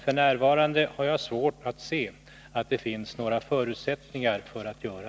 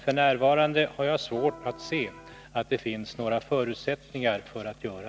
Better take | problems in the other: first | background sound (Electric guitar); 17 dB below the speech

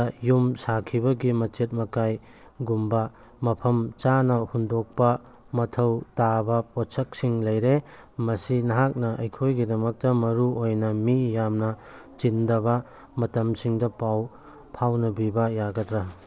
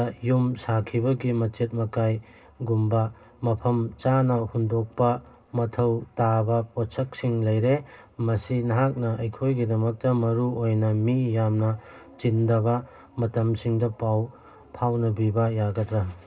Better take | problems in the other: first | room echo; dies away in 0.2 s

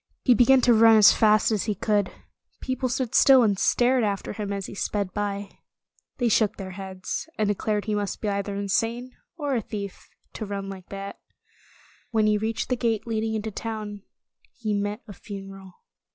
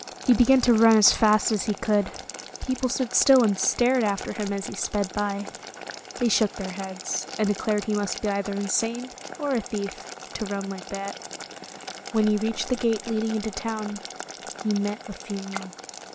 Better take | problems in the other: first | background sound (Boiling); 13 dB below the speech

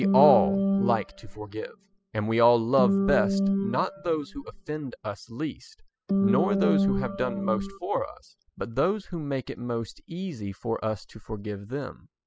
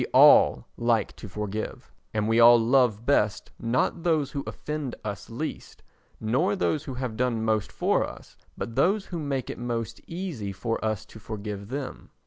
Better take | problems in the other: second | noise reduction (classical method spectral subtraction)

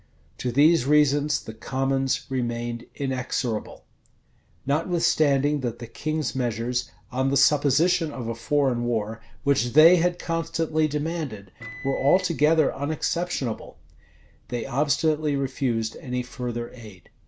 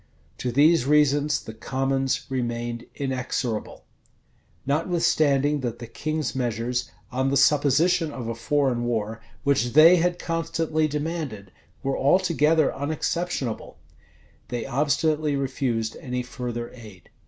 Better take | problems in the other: second | background sound (Microwave oven); 15 dB below the speech

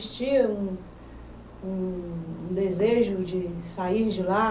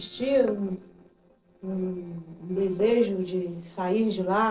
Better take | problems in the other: first | noise reduction (neural separator model SepFormer DNS4)

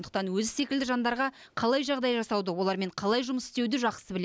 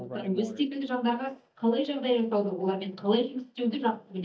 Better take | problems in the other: first | noise reduction (neural mask model DeepFilterNet 3)

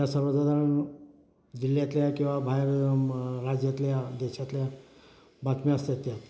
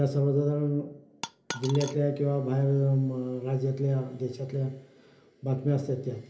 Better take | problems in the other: first | background sound (Coin (dropping)); 11 dB below the speech // room echo; dies away in 0.3 s

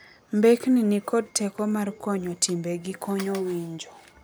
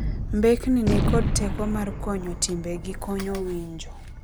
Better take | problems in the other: first | background sound (Gunshot, gunfire); 1 dB below the speech

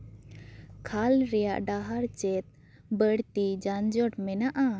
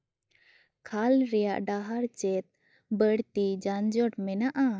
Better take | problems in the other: first | noise reduction (neural mask model DeepFilterNet 3)

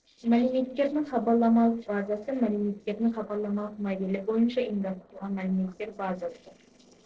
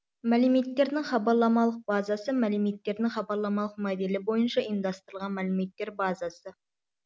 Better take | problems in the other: second | noise reduction (neural separator model SepFormer DNS4)

